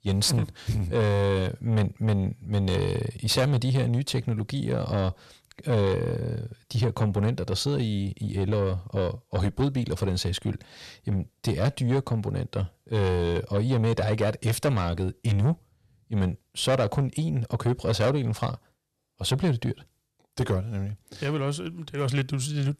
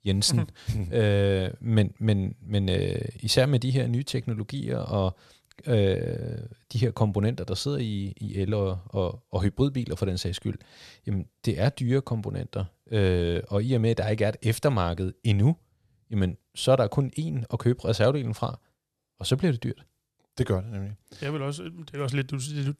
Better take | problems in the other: second | distortion; slight; 10 dB below the speech

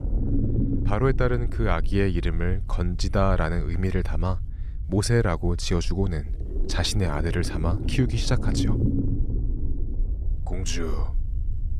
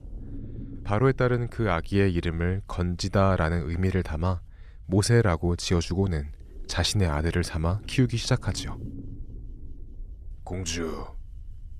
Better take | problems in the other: second | low rumble; loud; throughout; 10 dB below the speech; faint in the second

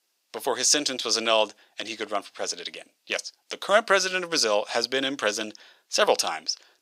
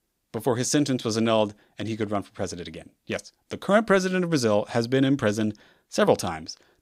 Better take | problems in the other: second | thin; somewhat; fading below 600 Hz

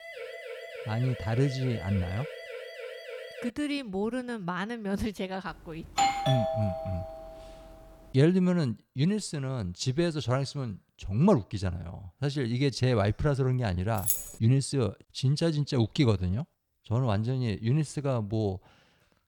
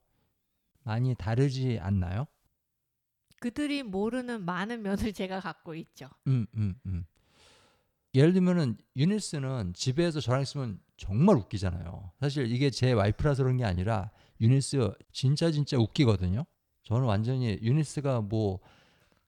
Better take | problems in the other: second | siren; faint; until 3.5 s; peak 10 dB below the speech // doorbell; loud; from 6 to 7 s; peak 3 dB above the speech // jangling keys; loud; at 14 s; peak 1 dB above the speech

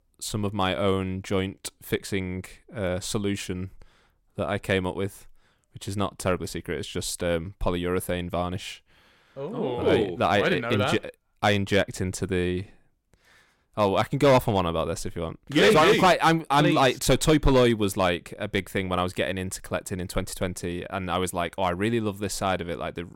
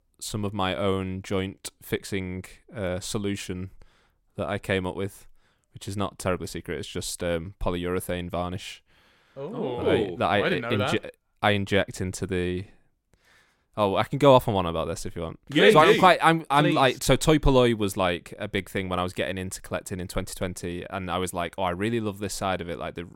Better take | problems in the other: second | distortion; slight; 1.8% of the sound clipped

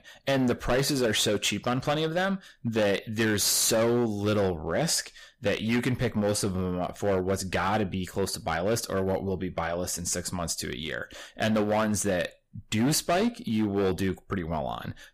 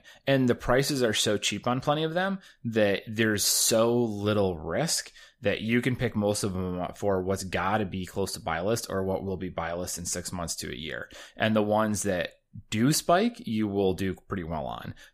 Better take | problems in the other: second | distortion; slight; 10% of the sound clipped

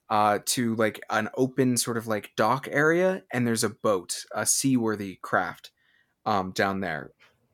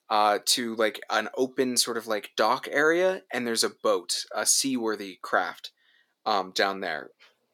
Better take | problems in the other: first | thin; very slightly; fading below 350 Hz

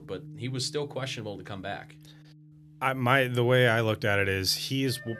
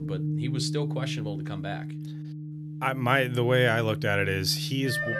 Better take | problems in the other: first | background music; loud; throughout; 7 dB below the speech; faint in the first

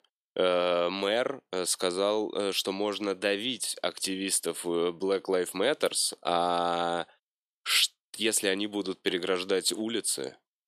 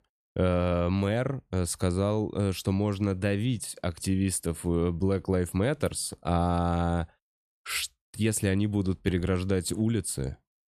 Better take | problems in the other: second | thin; somewhat; fading below 350 Hz

